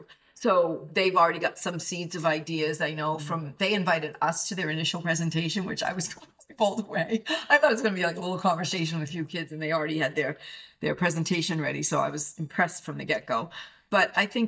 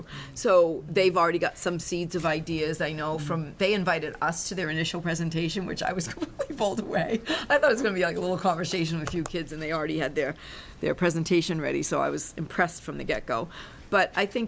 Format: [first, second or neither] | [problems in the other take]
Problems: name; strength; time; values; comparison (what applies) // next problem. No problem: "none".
second | noise reduction (neural mask model DeepFilterNet 3)